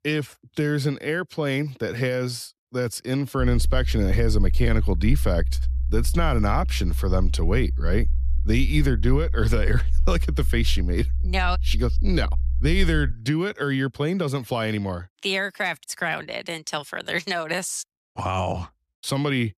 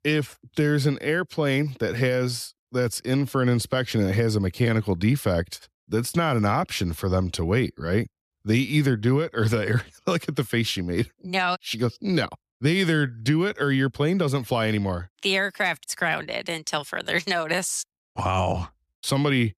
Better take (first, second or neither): second